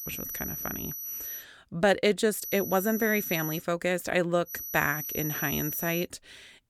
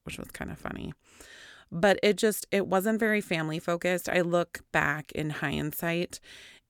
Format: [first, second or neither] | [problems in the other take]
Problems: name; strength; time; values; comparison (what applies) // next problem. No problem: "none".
second | high-pitched whine; loud; until 1.5 s, from 2.5 to 3.5 s and from 4.5 to 6 s; 12 kHz, 6 dB below the speech